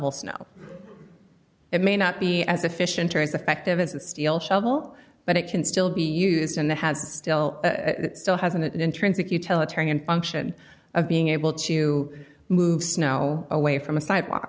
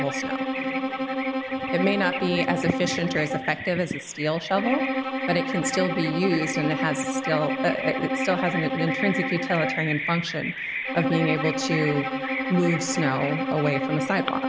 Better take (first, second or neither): first